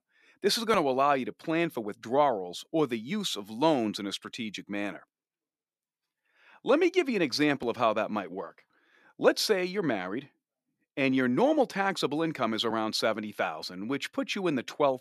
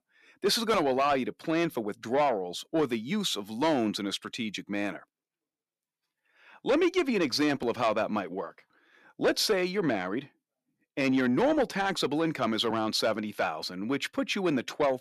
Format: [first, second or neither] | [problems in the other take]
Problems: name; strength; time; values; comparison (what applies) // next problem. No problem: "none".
first | distortion; slight; 10 dB below the speech